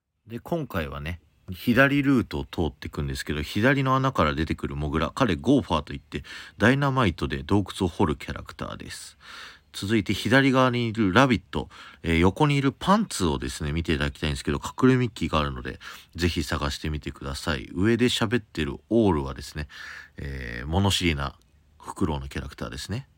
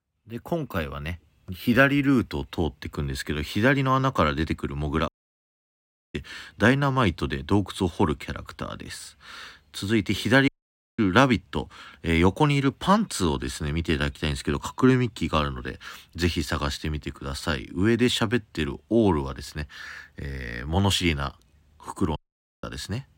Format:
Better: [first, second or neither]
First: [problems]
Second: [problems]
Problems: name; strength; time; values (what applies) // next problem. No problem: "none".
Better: first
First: none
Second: audio cutting out; at 5 s for 1 s, at 10 s for 0.5 s and at 22 s